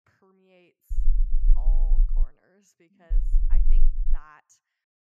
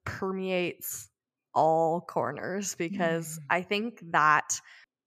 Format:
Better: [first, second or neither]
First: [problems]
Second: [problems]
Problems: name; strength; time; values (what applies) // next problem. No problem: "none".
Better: second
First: low rumble; loud; from 1 to 2 s and from 3 to 4 s; 2 dB below the speech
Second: none